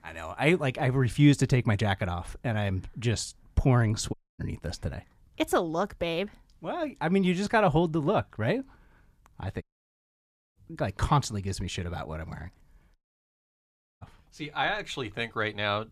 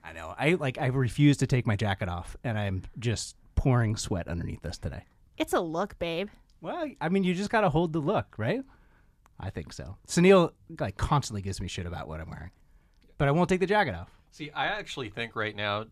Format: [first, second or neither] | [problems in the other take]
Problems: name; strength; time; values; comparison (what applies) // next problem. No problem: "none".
second | audio cutting out; at 4 s, at 9.5 s for 1 s and at 13 s for 1 s